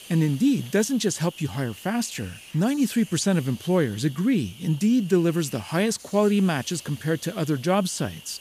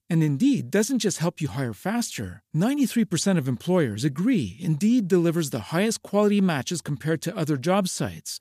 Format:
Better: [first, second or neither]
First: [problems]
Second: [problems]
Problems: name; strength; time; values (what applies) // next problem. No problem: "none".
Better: second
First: hiss; noticeable; throughout; 20 dB below the speech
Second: none